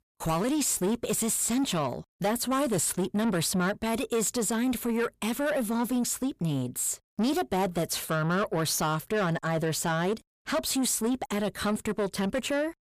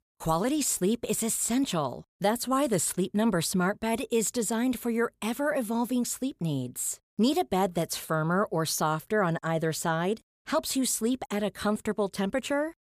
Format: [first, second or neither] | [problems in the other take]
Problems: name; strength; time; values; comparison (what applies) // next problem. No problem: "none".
second | distortion; slight; 10 dB below the speech